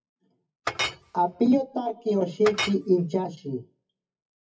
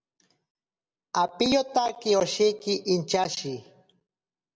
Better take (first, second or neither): second